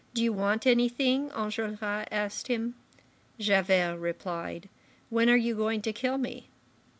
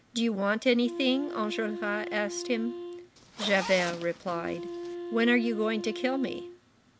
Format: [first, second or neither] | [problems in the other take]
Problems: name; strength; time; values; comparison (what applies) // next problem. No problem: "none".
first | background sound (Wind instrument, woodwind instrument + Zipper (clothing)); 9 dB below the speech